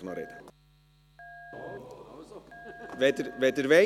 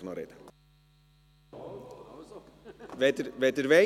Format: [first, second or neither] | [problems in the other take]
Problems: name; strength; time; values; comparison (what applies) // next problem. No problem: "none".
second | background sound (Telephone); 20 dB below the speech